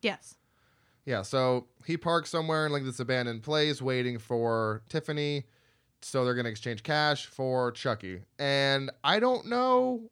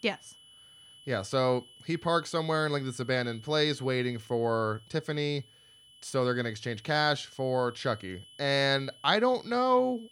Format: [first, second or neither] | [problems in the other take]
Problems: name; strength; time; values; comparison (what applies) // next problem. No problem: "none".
first | high-pitched whine; faint; throughout; 3 kHz, 25 dB below the speech